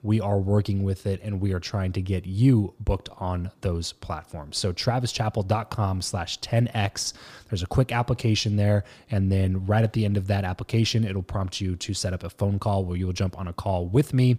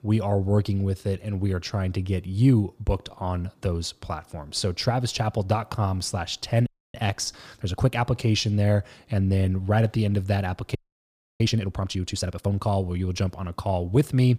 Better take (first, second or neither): first